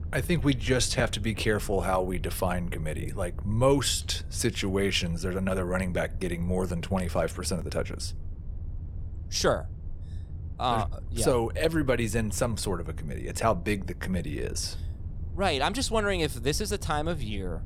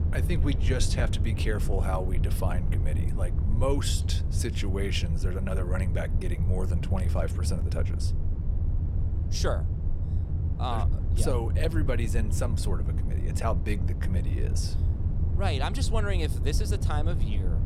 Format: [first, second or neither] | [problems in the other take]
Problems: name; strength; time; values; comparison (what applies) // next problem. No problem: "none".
first | low rumble; loud; throughout; 8 dB below the speech; faint in the first